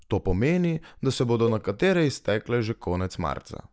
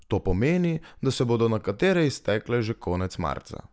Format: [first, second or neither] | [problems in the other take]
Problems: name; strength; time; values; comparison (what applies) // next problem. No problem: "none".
second | noise reduction (neural mask model DeepFilterNet 3)